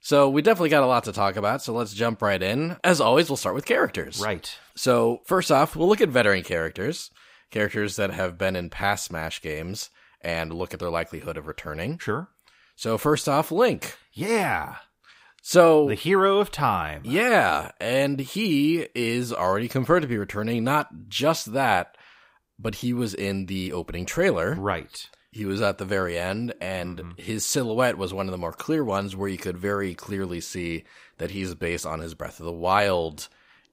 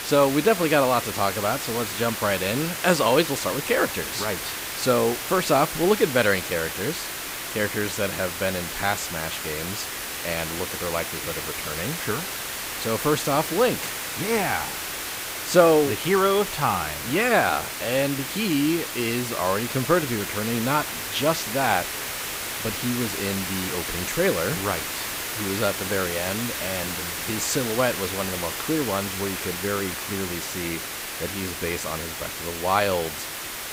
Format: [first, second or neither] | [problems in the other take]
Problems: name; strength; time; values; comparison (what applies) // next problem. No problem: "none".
first | hiss; loud; throughout; 4 dB below the speech